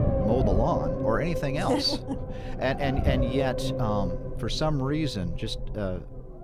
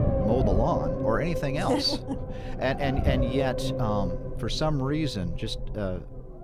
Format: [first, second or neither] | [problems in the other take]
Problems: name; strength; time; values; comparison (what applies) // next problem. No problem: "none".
neither | low rumble; loud; throughout; 4 dB below the speech; the same in both